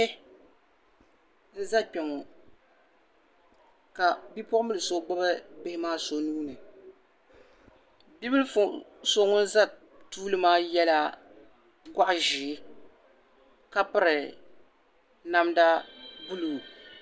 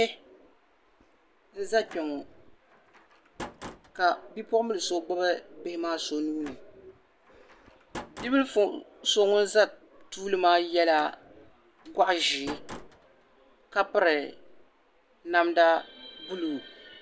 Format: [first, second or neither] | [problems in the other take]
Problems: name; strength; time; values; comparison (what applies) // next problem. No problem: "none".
first | background sound (Slam); 18 dB below the speech